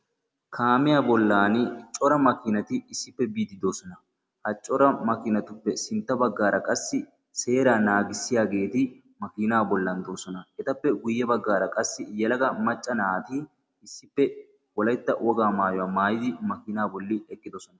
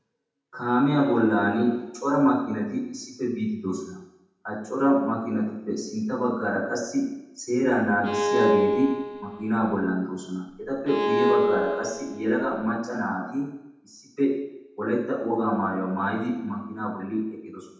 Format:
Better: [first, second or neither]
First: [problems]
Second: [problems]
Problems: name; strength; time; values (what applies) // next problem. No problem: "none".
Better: first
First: none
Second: background sound (Bowed string instrument); as loud as the speech // room echo; dies away in 0.8 s